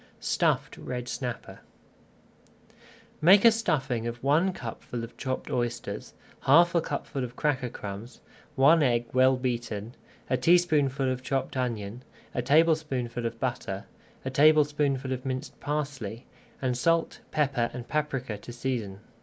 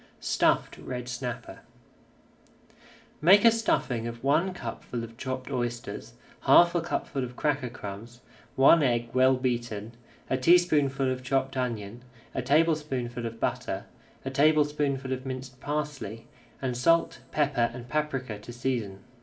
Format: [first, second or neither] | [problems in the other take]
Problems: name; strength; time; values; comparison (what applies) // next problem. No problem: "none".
first | room echo; dies away in 0.4 s